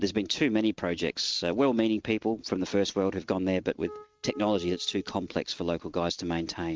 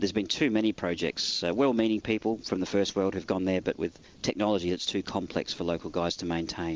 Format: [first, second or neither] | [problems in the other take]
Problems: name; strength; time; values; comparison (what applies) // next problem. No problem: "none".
second | noise reduction (neural mask model RNNoise)